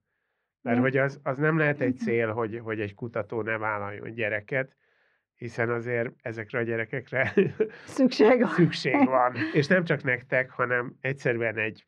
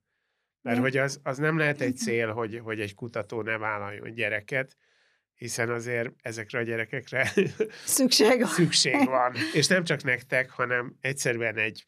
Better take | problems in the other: second | muffled; very; fading above 2 kHz

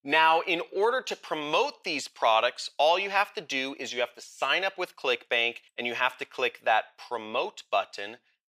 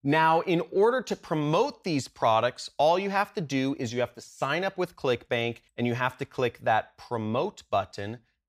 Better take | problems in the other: second | thin; somewhat; fading below 500 Hz

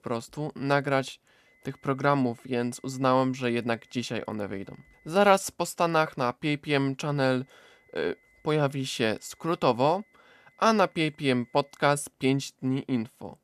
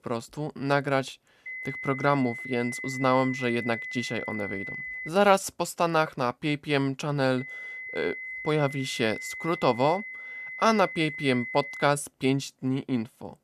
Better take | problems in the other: first | high-pitched whine; loud; from 1.5 to 5 s and from 7.5 to 12 s; 2 kHz, 9 dB below the speech; faint in the first

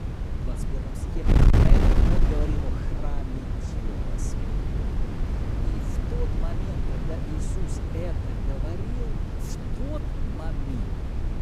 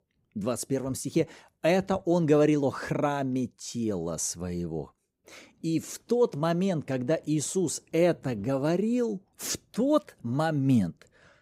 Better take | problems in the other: second | wind noise on the microphone; heavy; 5 dB above the speech

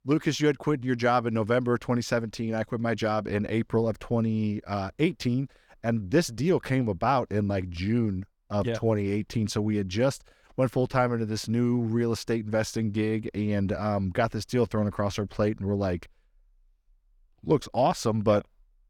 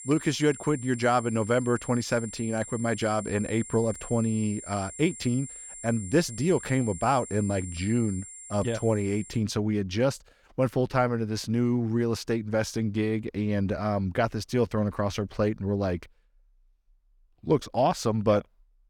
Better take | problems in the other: first | high-pitched whine; noticeable; until 9.5 s; 7.5 kHz, 15 dB below the speech

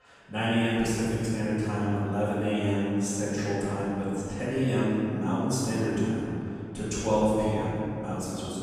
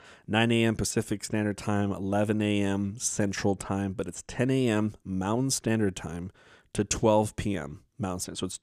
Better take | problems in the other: second | off-mic speech; far // room echo; strong; dies away in 2.9 s

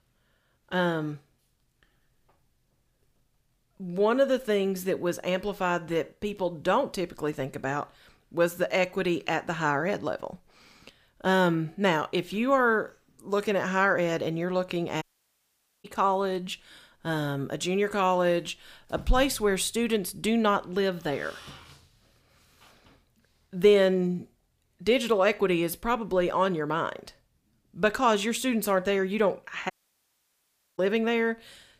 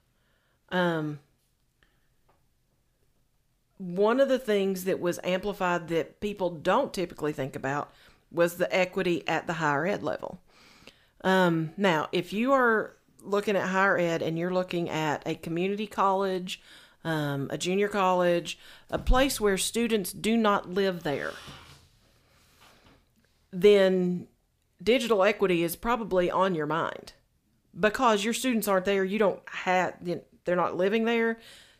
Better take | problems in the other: second | audio cutting out; at 15 s for 1 s and at 30 s for 1 s

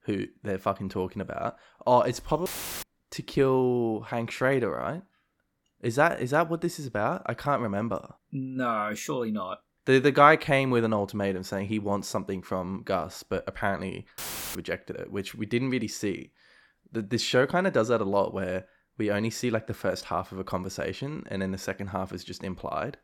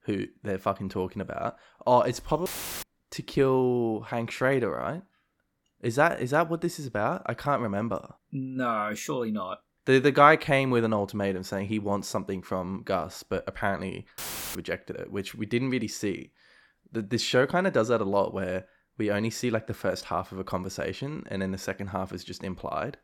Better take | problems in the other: neither | audio cutting out; filled with static; at 2.5 s and at 14 s; the same in both

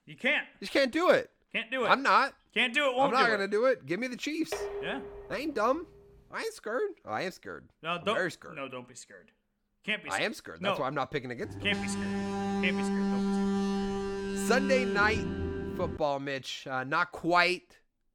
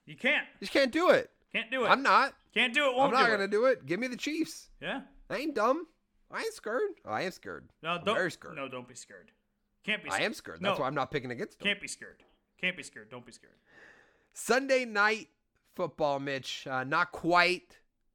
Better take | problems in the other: second | clattering dishes; noticeable; at 4.5 s; peak 7 dB below the speech // alarm; loud; from 11 to 16 s; peak level with the speech

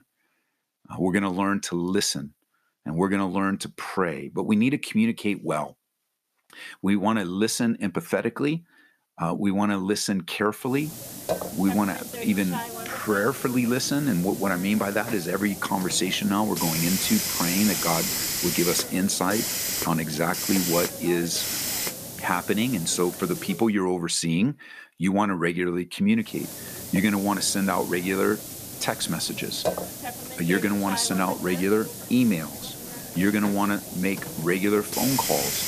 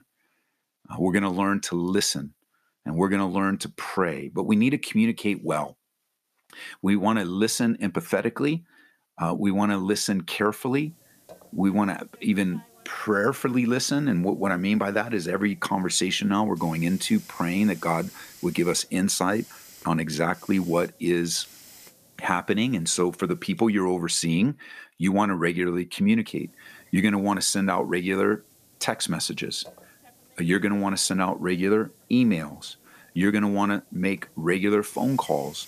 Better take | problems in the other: second | hiss; loud; from 11 to 24 s and from 26 s on; 5 dB below the speech; faint in the second

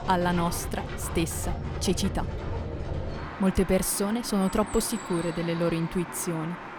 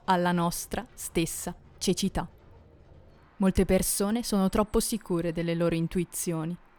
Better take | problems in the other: second | animal sounds; loud; throughout; 8 dB below the speech; faint in the second

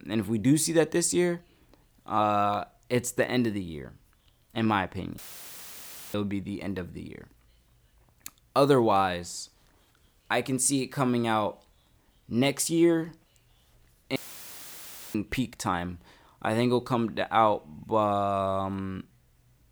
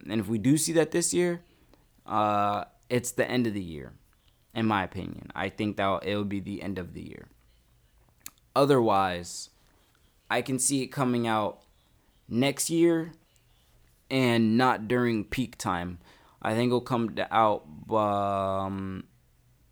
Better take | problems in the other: second | audio cutting out; filled with static; at 5 s for 1 s and at 14 s for 1 s

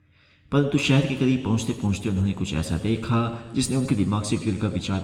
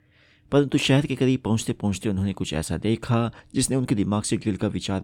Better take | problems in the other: second | room echo; slight; dies away in 1.6 s

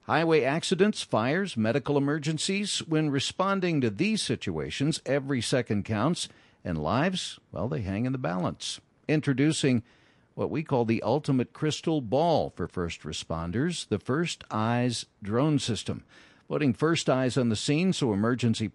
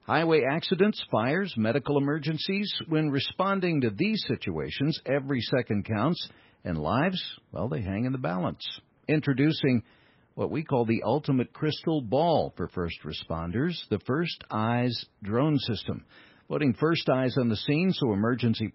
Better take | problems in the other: first | garbled, watery; badly; nothing above 5.5 kHz; slightly in the first

